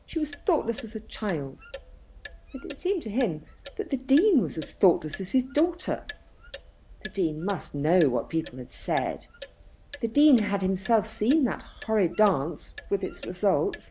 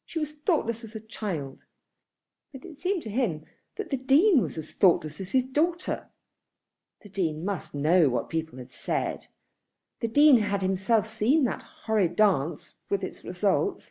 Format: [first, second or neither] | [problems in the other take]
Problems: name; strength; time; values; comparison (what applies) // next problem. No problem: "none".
second | background sound (Clock); 18 dB below the speech